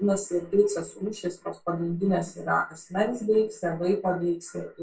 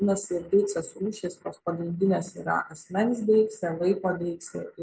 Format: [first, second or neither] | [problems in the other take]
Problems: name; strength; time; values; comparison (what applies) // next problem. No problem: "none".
second | room echo; dies away in 0.2 s